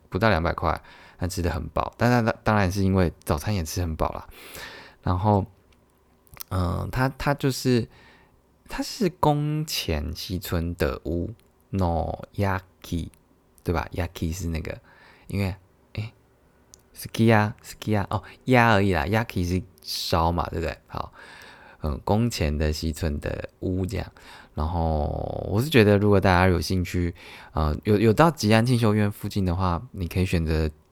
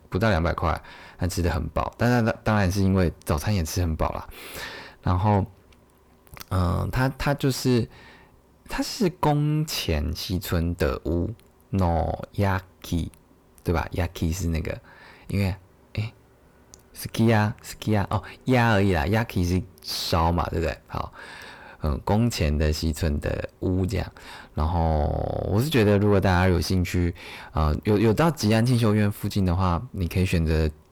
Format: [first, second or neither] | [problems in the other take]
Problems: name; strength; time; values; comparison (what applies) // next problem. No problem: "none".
first | distortion; slight; 10 dB below the speech